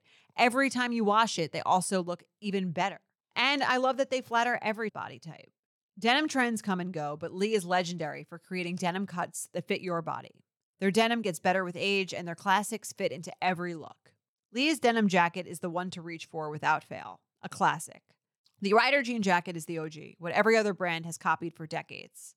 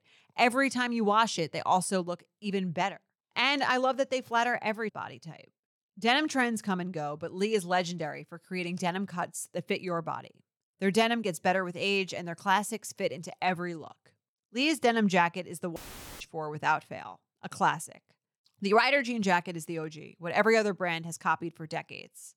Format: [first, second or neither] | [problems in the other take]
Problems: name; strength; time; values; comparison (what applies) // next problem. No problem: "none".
first | audio cutting out; filled with static; at 16 s